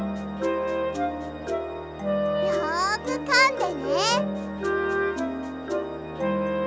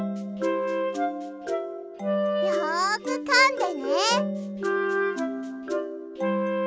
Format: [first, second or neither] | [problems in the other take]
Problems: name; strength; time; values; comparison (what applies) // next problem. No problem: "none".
second | background sound (Organ); 12 dB below the speech